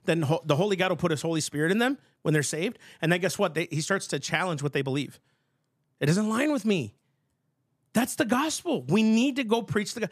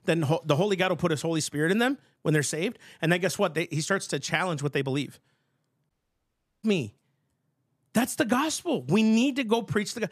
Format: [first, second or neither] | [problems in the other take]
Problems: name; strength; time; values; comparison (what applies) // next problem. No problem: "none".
first | audio cutting out; at 6 s for 0.5 s